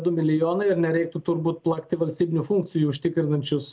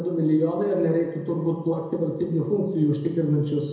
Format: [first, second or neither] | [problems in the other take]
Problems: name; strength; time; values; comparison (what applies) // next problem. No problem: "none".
first | room echo; dies away in 1 s